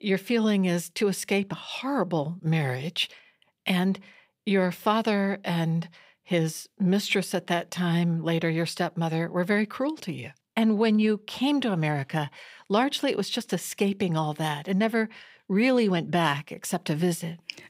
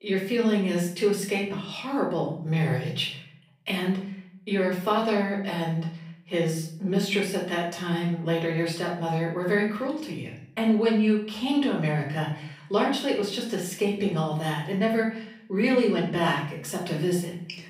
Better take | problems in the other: first | off-mic speech; far // room echo; noticeable; dies away in 0.5 s

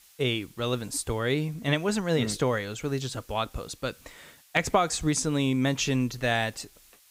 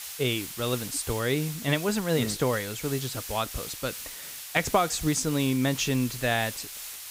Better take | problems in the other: first | hiss; loud; throughout; 9 dB below the speech; faint in the first

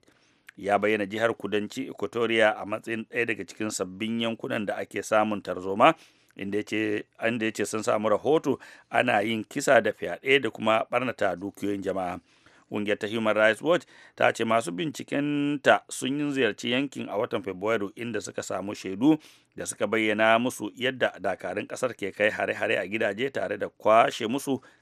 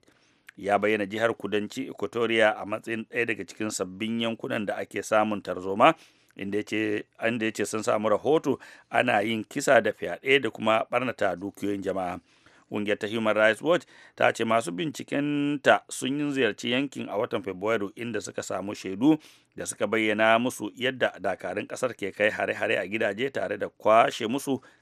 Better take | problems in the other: neither | none

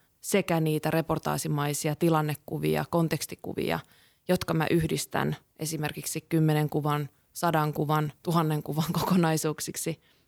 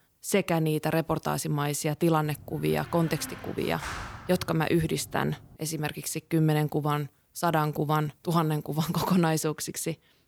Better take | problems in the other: first | door banging; noticeable; from 2 to 5.5 s; peak 8 dB below the speech

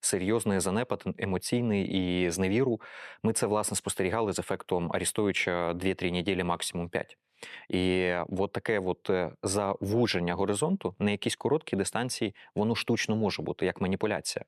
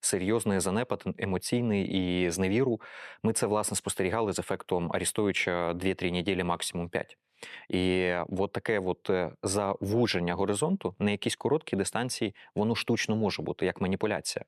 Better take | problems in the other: neither | none

